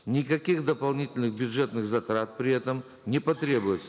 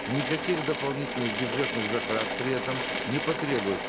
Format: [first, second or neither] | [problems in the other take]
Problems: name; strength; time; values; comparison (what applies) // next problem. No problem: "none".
first | background sound (Drill / Mechanisms); 1 dB below the speech